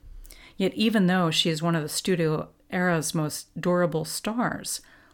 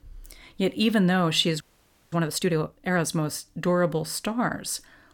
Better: first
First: none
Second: audio freezing; at 1.5 s for 0.5 s

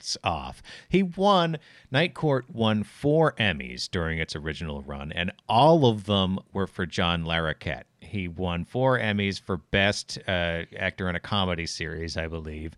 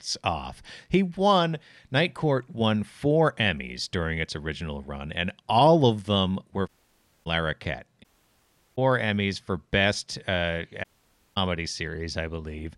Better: first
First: none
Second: audio cutting out; at 6.5 s for 0.5 s, at 8 s for 0.5 s and at 11 s for 0.5 s

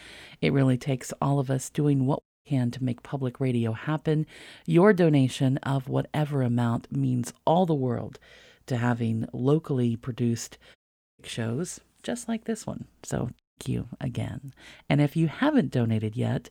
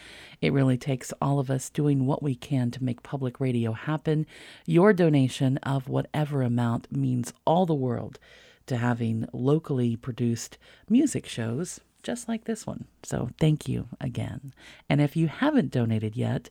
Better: second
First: audio cutting out; at 2 s, at 11 s and at 13 s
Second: none

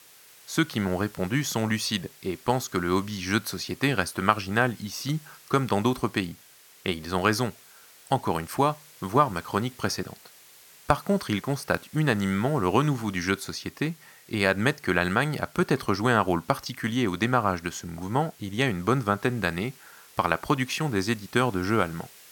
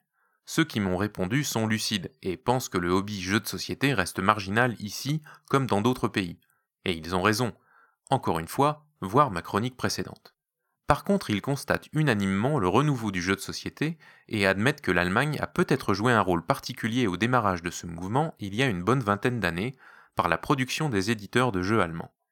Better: second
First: hiss; faint; throughout; 25 dB below the speech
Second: none

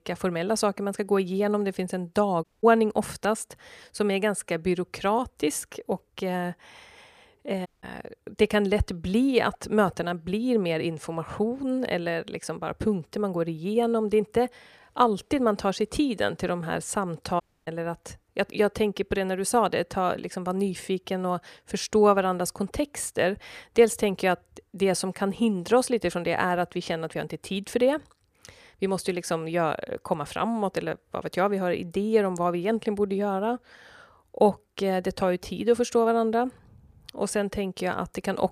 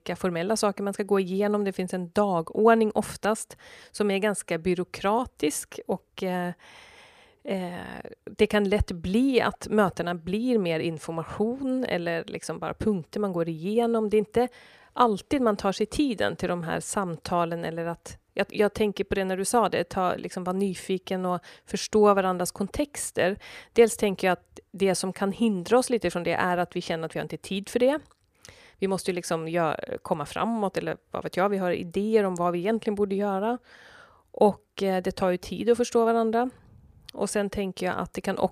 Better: second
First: audio cutting out; at 2.5 s, at 7.5 s and at 17 s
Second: none

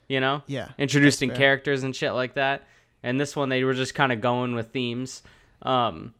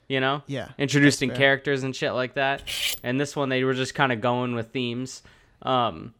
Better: first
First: none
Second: clattering dishes; noticeable; at 2.5 s; peak 2 dB below the speech

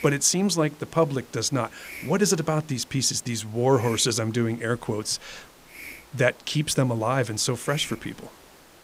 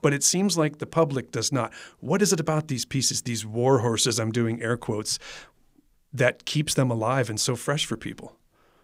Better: second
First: hiss; faint; throughout; 20 dB below the speech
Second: none

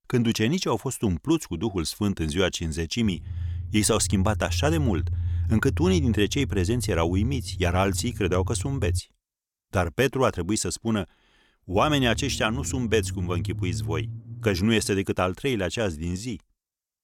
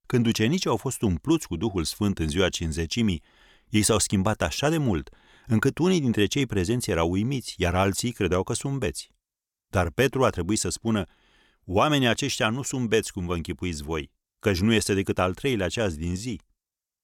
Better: second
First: low rumble; noticeable; from 3 to 9 s and from 12 to 15 s; 20 dB below the speech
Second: none

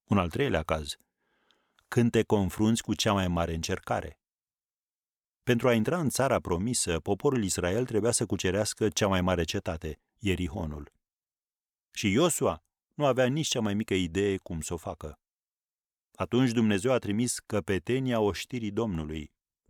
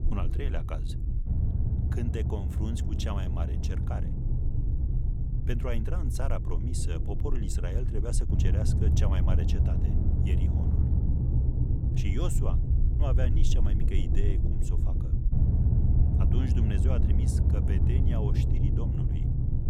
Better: first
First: none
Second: low rumble; loud; throughout; 1 dB below the speech

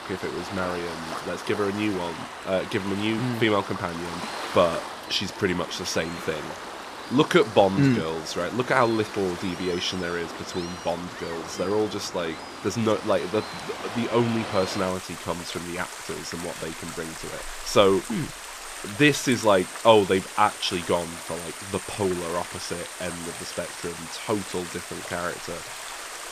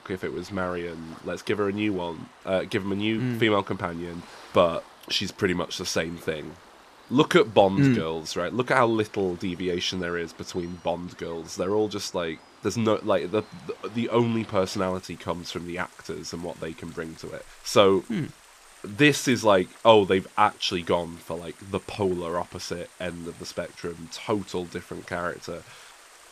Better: second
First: rain or running water; loud; throughout; 9 dB below the speech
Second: rain or running water; faint; throughout; 25 dB below the speech

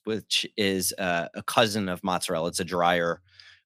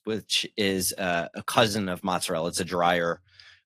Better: first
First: none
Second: garbled, watery; slightly; nothing above 15 kHz

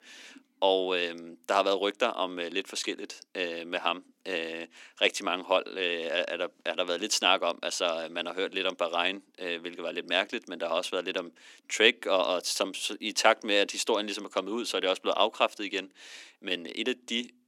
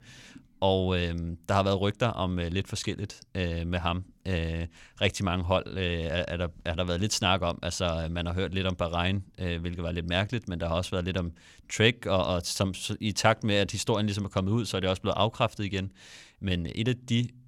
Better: second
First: thin; somewhat; fading below 250 Hz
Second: none

